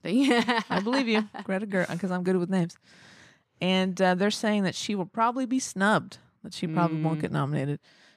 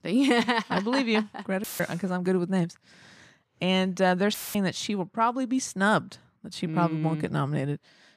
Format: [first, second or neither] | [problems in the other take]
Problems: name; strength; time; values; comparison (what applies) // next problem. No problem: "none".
first | audio cutting out; filled with static; at 1.5 s and at 4.5 s